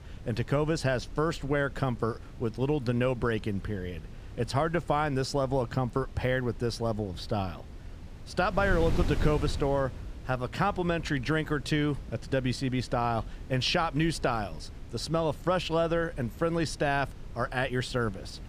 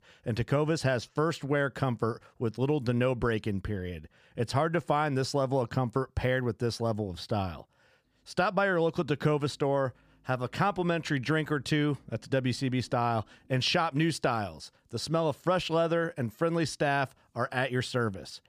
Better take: second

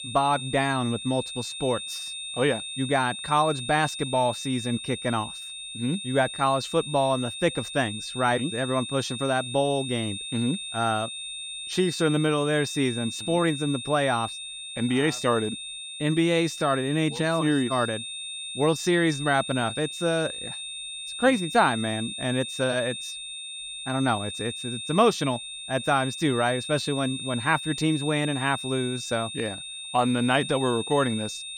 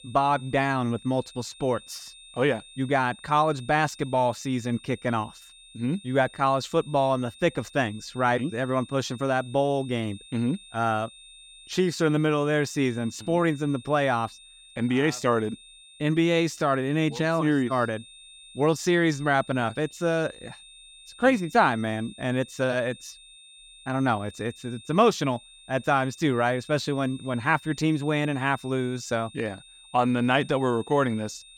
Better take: second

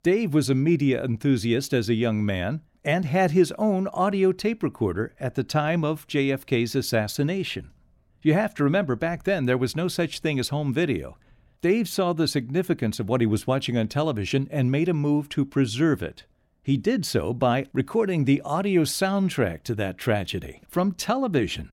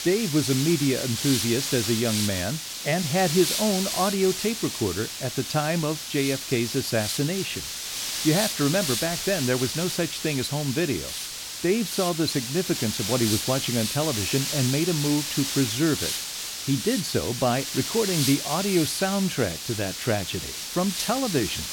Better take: first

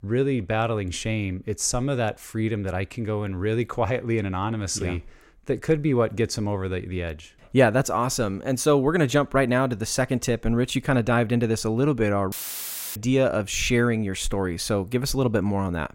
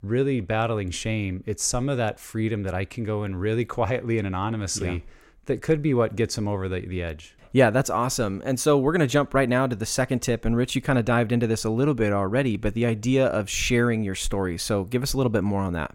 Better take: second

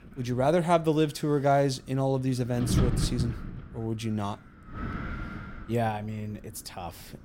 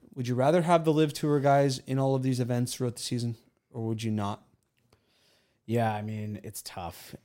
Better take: second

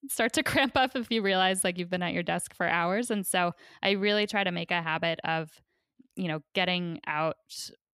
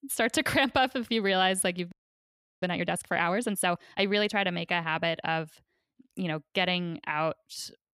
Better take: first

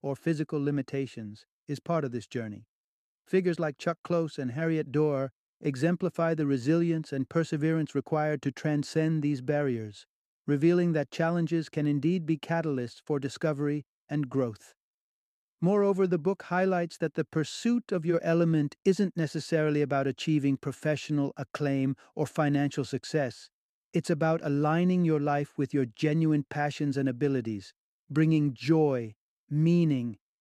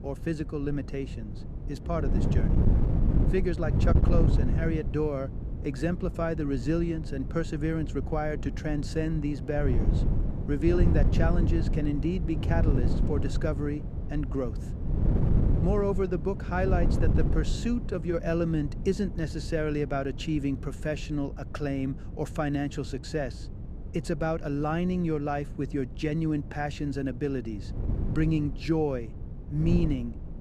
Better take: first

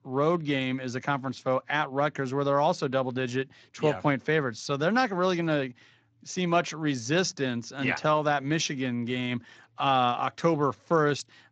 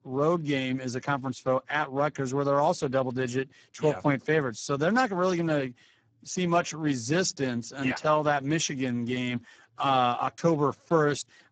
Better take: first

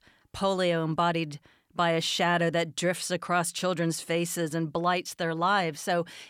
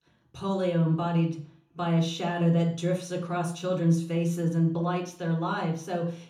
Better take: first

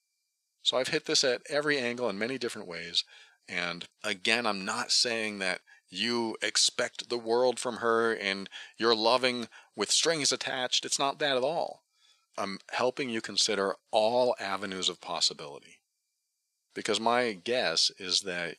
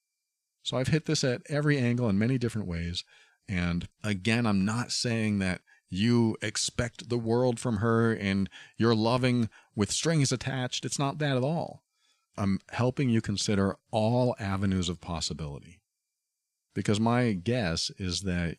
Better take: second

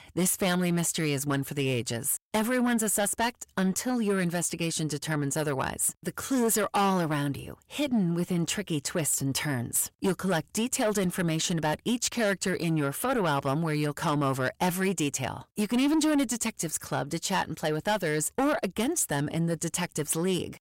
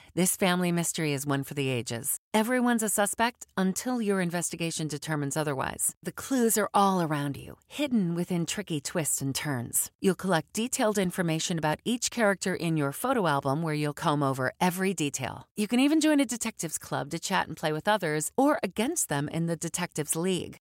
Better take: second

